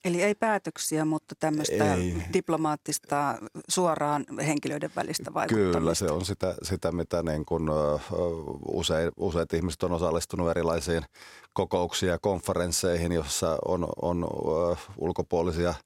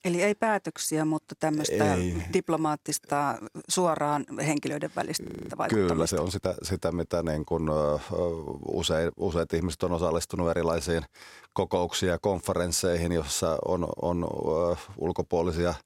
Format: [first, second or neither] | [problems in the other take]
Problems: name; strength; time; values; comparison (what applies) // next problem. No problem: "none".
first | audio freezing; at 5 s